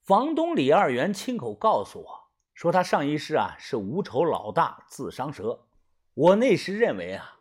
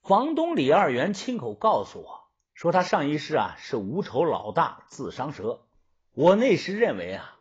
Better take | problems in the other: first | garbled, watery; badly; nothing above 7.5 kHz

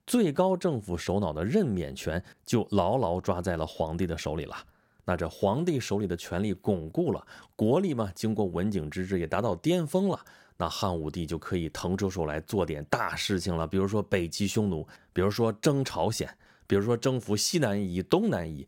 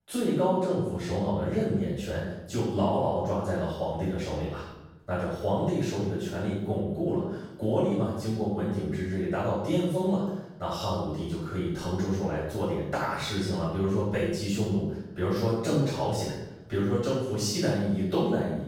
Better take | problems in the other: first | off-mic speech; far // room echo; strong; dies away in 0.8 s

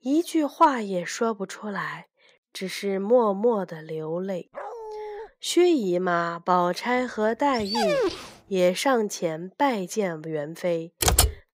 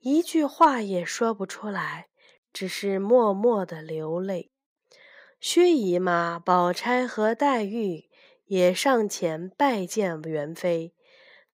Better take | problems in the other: second | dog barking; faint; at 4.5 s; peak 10 dB below the speech // dog barking; loud; at 7.5 s; peak 2 dB above the speech // keyboard typing; loud; at 11 s; peak 5 dB above the speech

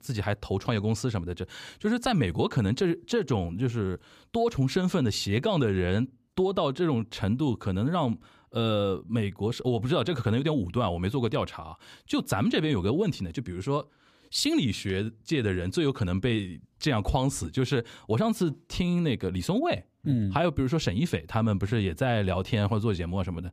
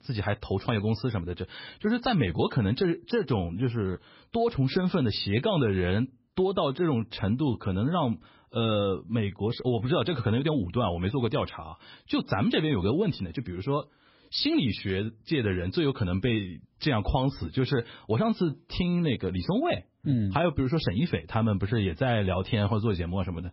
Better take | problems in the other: first | garbled, watery; badly; nothing above 5.5 kHz

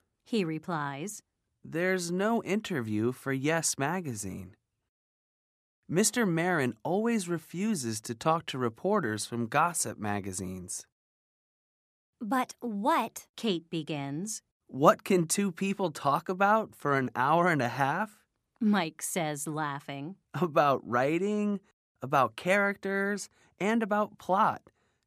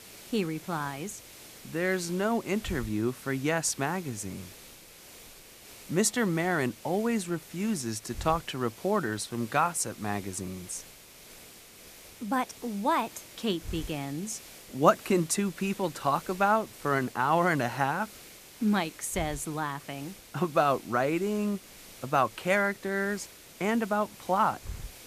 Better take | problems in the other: first | hiss; noticeable; throughout; 15 dB below the speech

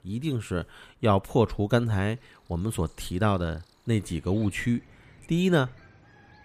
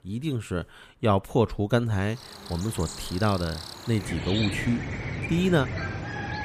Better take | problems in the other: first | animal sounds; loud; from 2 s on; 7 dB below the speech; faint in the first

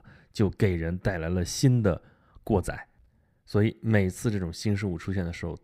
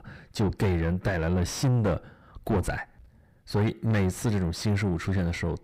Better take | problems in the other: first | distortion; heavy; 7 dB below the speech

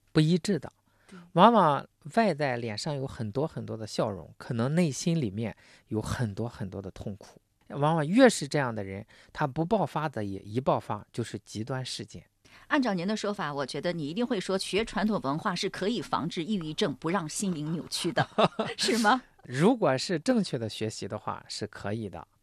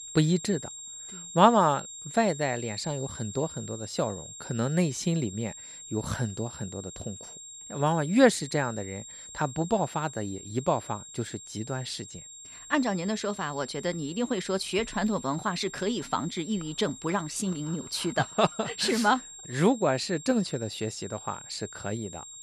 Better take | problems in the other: first | high-pitched whine; noticeable; throughout; 7.5 kHz, 15 dB below the speech

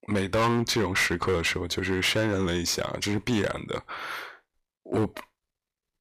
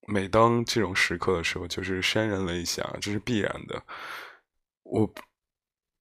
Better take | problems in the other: second | distortion; heavy; 9% of the sound clipped

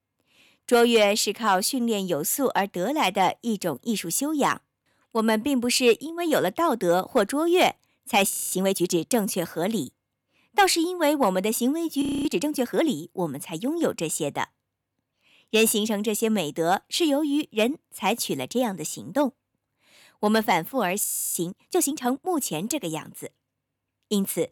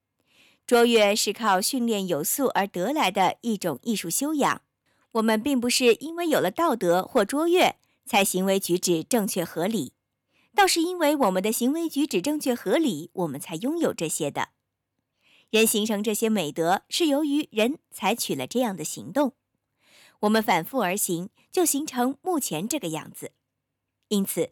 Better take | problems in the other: second | audio freezing; at 8.5 s, at 12 s and at 21 s

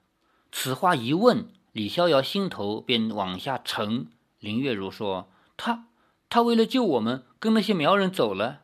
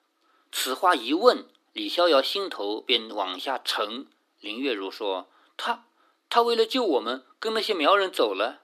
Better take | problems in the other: first | thin; somewhat; fading below 300 Hz

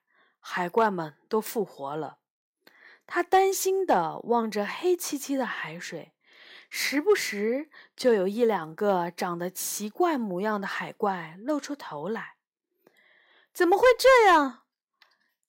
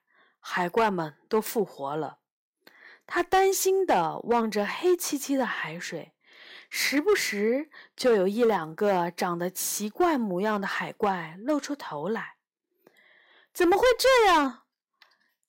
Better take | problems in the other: first | distortion; slight; 4% of the sound clipped

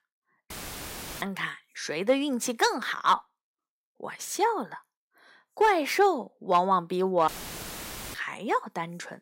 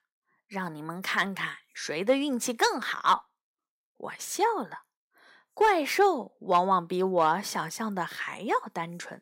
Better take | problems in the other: second | audio cutting out; filled with static; at 0.5 s for 0.5 s and at 7.5 s for 1 s

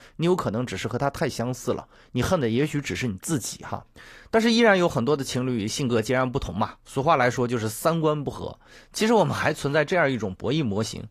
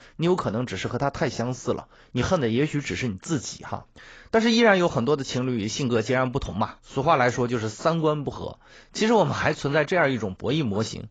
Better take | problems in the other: first | garbled, watery; badly; nothing above 7.5 kHz; slightly in the first

